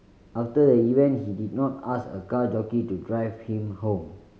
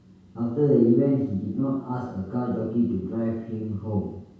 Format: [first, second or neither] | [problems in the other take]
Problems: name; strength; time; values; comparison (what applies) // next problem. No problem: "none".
first | room echo; dies away in 0.6 s